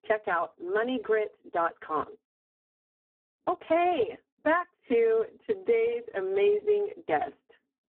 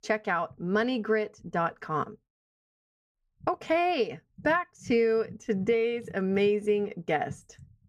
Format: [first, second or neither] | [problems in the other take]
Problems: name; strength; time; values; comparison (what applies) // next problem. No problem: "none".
second | phone-call audio; poor line